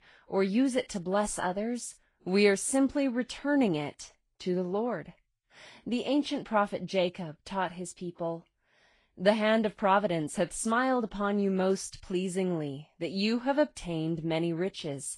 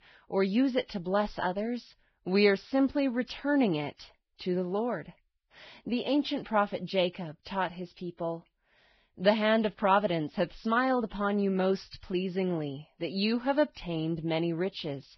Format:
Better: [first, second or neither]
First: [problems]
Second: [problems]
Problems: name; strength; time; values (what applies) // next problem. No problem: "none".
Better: first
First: garbled, watery; slightly; nothing above 10.5 kHz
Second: garbled, watery; badly